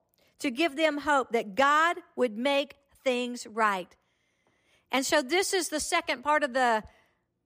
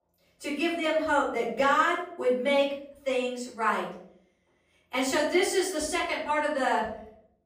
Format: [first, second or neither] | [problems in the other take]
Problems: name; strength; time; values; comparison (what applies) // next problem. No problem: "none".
first | room echo; noticeable; dies away in 0.5 s // off-mic speech; far